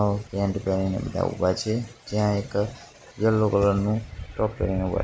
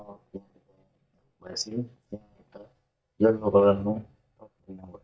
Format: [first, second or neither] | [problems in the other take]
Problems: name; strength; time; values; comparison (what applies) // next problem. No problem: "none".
first | noise reduction (neural mask model DeepFilterNet 3)